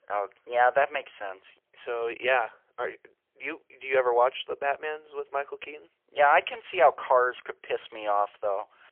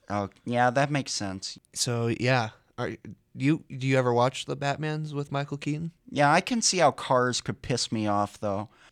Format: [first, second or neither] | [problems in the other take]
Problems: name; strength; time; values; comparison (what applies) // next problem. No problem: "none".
second | phone-call audio; poor line; nothing above 3 kHz